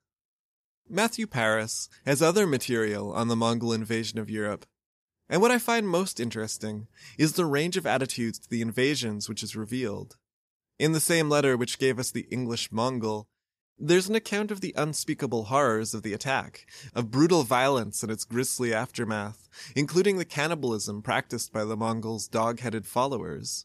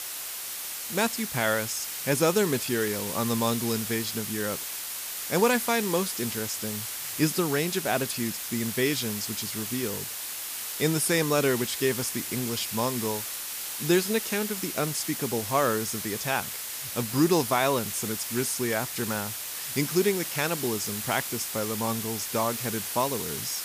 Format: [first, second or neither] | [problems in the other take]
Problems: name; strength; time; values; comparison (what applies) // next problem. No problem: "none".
first | hiss; loud; throughout; 4 dB below the speech